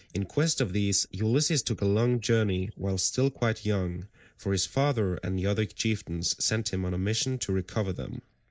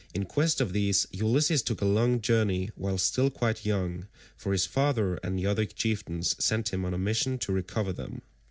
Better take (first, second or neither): second